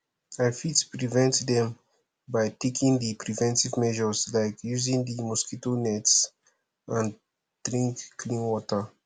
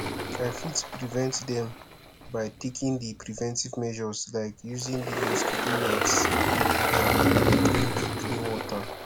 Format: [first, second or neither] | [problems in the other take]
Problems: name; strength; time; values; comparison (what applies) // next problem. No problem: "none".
first | background sound (Engine); 5 dB above the speech